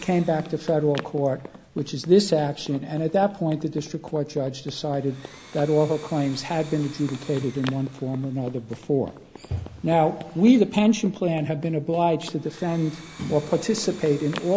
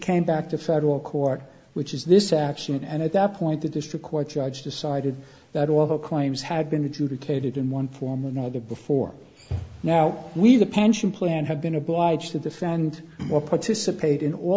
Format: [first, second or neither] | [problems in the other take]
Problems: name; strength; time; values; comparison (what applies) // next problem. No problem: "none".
second | background sound (Domestic sounds, home sounds + Run); 19 dB below the speech